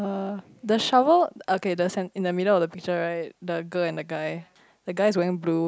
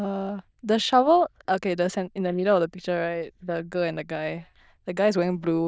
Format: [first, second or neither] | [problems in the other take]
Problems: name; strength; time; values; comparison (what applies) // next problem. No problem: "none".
first | noise reduction (neural diffusion model UNIVERSE++)